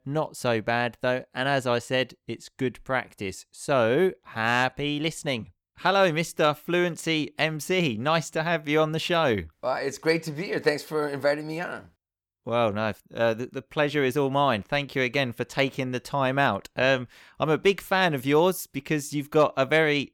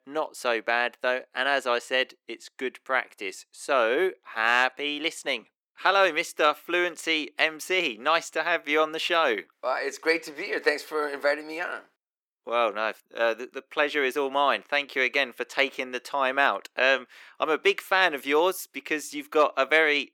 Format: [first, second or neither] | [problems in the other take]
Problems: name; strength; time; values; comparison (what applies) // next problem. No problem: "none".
first | thin; somewhat; fading below 300 Hz